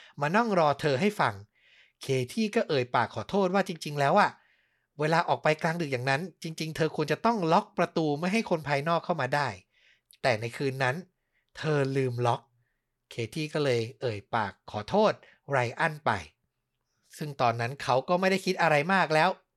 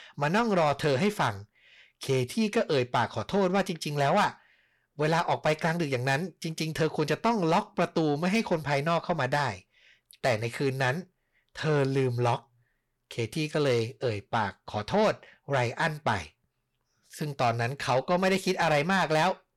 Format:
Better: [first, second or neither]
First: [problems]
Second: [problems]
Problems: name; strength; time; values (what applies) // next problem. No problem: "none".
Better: first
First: none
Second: distortion; slight; 10 dB below the speech